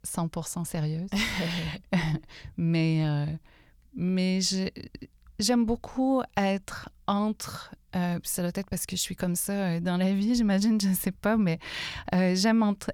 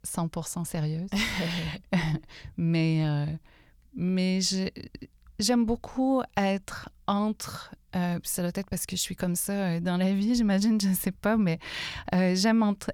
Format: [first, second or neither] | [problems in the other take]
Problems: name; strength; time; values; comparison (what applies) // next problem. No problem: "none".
neither | none